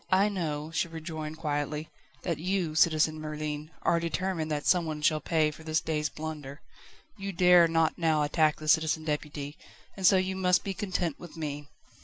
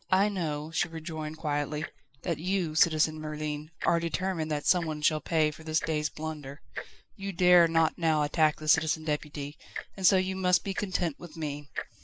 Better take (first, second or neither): first